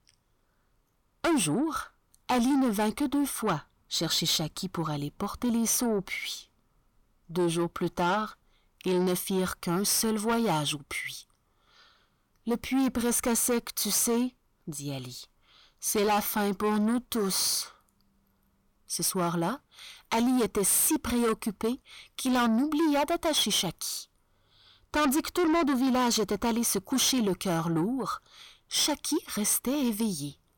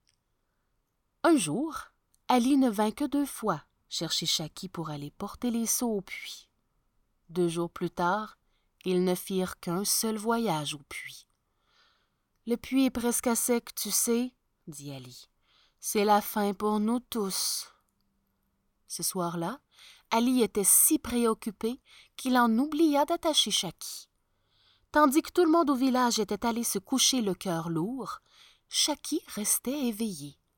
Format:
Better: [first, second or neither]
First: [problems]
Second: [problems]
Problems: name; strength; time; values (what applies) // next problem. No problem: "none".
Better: second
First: distortion; heavy; 7 dB below the speech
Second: none